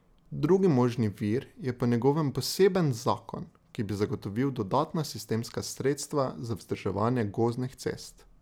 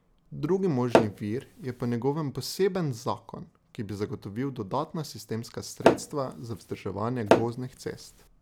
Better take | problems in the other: first | background sound (Tap / Hammer); 4 dB above the speech

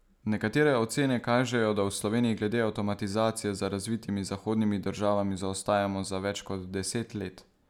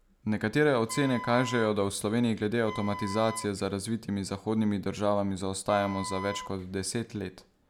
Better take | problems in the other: first | background sound (Wind instrument, woodwind instrument); 13 dB below the speech

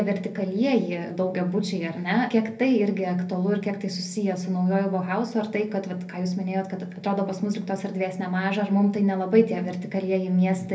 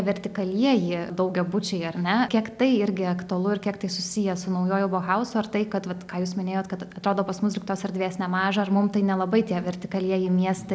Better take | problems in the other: second | room echo; dies away in 0.3 s

